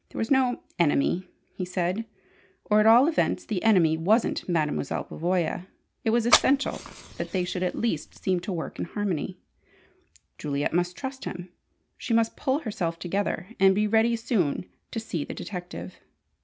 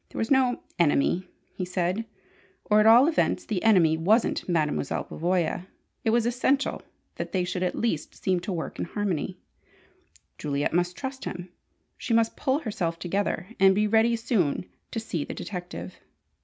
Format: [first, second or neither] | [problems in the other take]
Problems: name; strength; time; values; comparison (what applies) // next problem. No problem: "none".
second | background sound (Fire); 5 dB below the speech